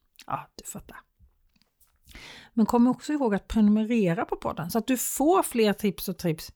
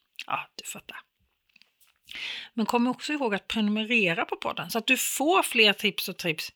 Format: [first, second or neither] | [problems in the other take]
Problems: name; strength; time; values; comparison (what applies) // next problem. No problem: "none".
first | thin; very slightly; fading below 600 Hz